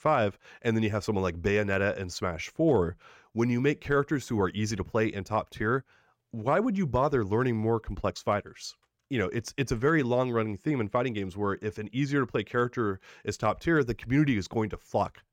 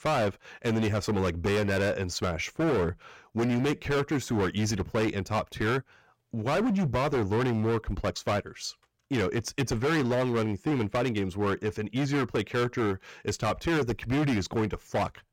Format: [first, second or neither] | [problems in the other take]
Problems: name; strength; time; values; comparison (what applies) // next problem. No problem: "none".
first | distortion; heavy; 20% of the sound clipped